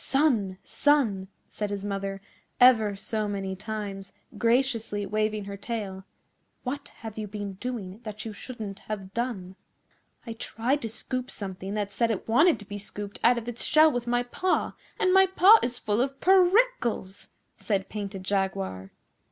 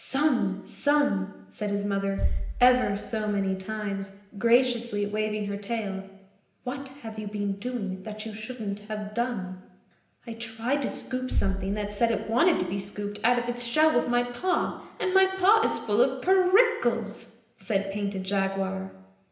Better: first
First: none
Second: background sound (Bass drum); 11 dB below the speech // room echo; dies away in 0.9 s

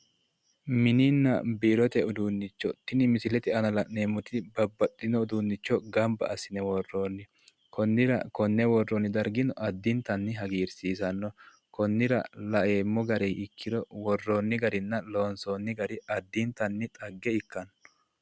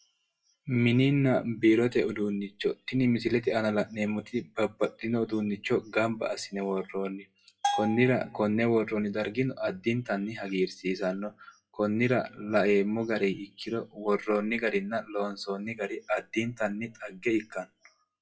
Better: first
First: none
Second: noise reduction (classical method WPE with log-MMSE)

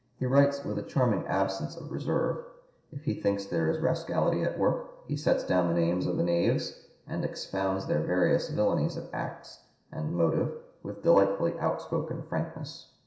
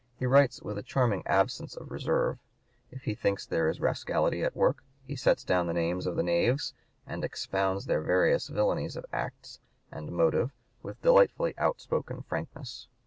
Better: second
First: room echo; dies away in 0.7 s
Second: none

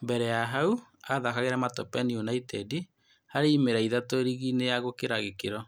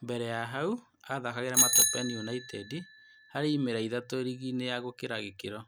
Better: first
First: none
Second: background sound (Bicycle bell); as loud as the speech

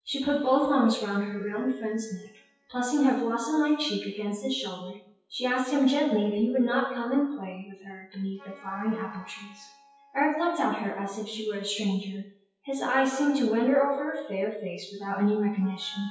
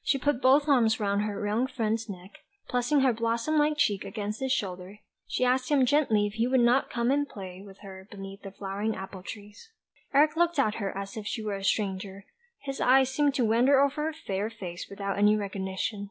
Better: second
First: noise reduction (classical method WPE with log-MMSE)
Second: none

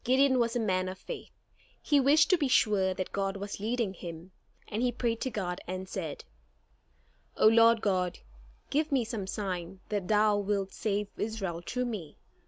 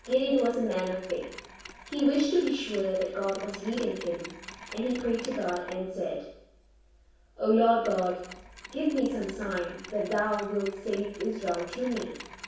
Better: first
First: none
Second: background sound (Mechanisms); 17 dB below the speech // room echo; dies away in 0.7 s

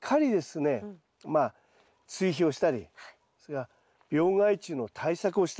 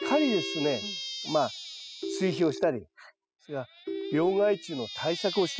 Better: first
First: none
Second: noise reduction (classical method spectral subtraction)

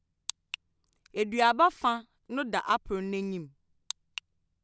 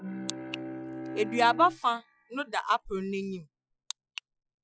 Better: first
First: none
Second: noise reduction (classical method Wiener filter)

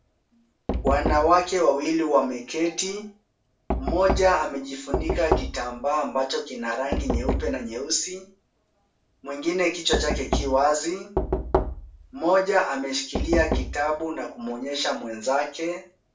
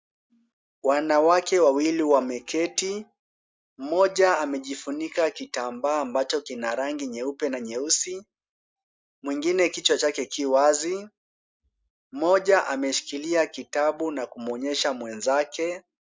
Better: second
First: background sound (Knock); 5 dB below the speech // room echo; dies away in 0.3 s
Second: none

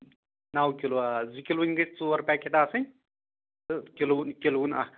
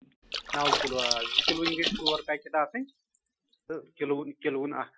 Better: first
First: none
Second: noise reduction (classical method Wiener filter)

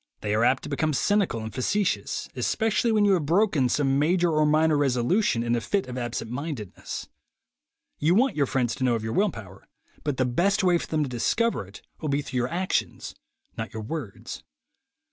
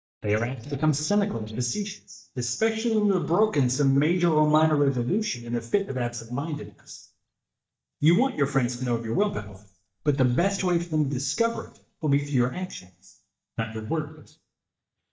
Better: first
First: none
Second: noise reduction (neural mask model DeepFilterNet 3)

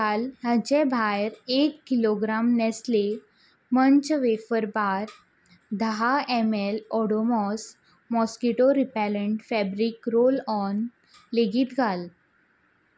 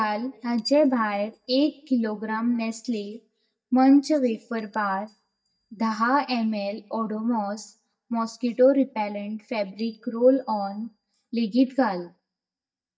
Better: first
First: none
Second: noise reduction (neural mask model DeepFilterNet 3)

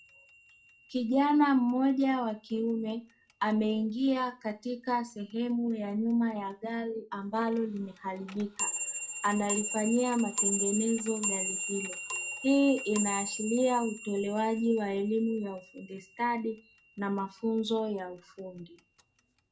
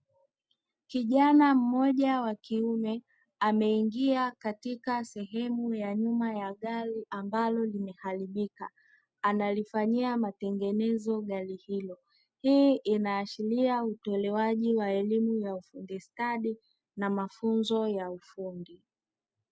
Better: second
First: background sound (Clock); 8 dB below the speech // room echo; dies away in 0.2 s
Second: none

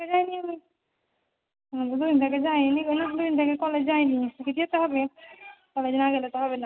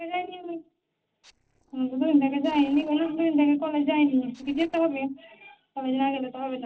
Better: first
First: none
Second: noise reduction (neural separator model SepFormer DNS4)

